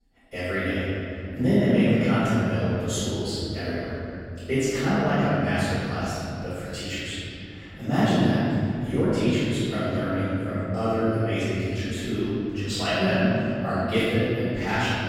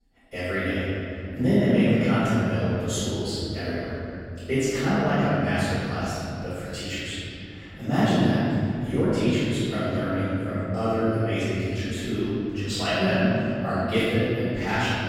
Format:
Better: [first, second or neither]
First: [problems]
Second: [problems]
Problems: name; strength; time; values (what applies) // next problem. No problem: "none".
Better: neither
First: room echo; strong; dies away in 3 s // off-mic speech; far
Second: room echo; strong; dies away in 3 s // off-mic speech; far